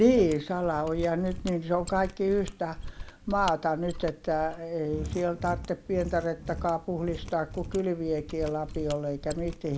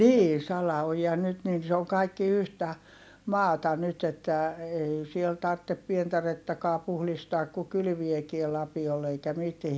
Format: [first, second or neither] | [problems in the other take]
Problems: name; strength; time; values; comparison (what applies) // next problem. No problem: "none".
second | background sound (Mechanisms); 11 dB below the speech